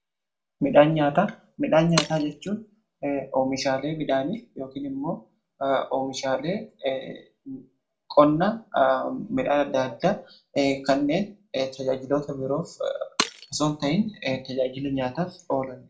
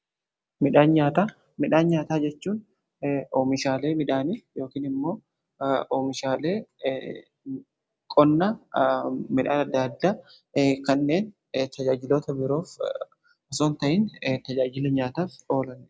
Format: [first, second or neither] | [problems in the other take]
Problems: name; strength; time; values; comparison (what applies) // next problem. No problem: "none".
second | background sound (Shatter); 12 dB below the speech // room echo; dies away in 0.2 s